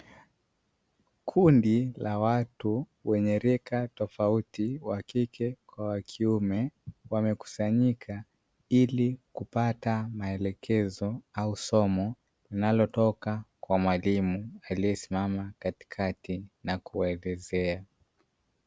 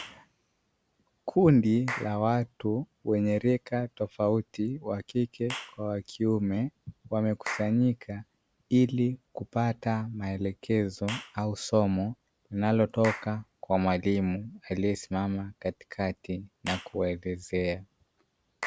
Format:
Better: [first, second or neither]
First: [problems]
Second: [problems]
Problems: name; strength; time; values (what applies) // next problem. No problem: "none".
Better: first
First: none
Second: background sound (Clapping / Chirp, tweet); 17 dB below the speech